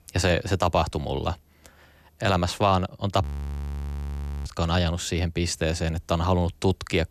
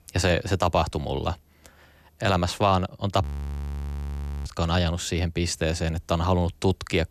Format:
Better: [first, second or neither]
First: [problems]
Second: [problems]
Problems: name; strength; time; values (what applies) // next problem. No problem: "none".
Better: neither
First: audio freezing; at 3 s for 1 s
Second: audio freezing; at 3 s for 1 s